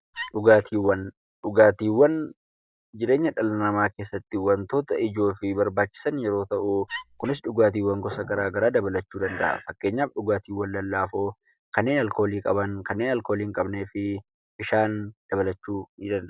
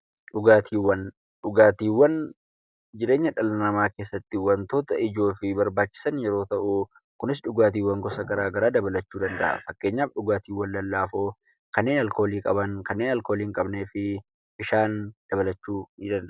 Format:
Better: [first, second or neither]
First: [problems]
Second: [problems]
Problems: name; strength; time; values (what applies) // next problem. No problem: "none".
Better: second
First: background sound (Wood); 13 dB below the speech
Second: none